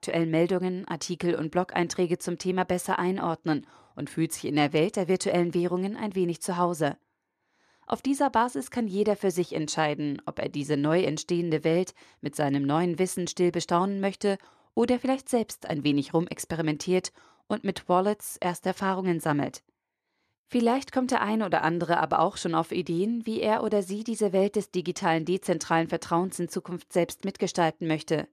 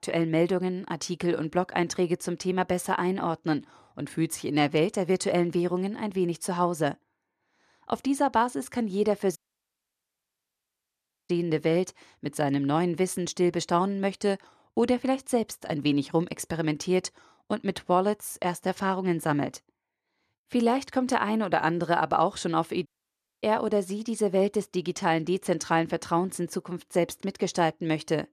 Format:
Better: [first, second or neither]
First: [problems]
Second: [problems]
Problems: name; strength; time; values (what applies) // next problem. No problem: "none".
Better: first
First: none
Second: audio cutting out; at 9.5 s for 2 s and at 23 s for 0.5 s